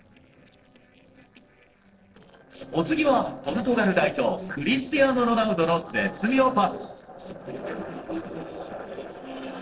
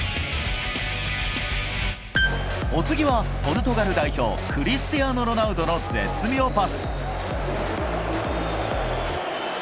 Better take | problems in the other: second | noise reduction (neural separator model SepFormer DNS4)

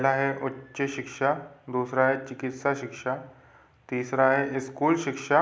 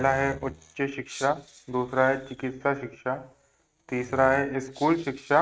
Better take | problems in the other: first | noise reduction (neural mask model RNNoise)

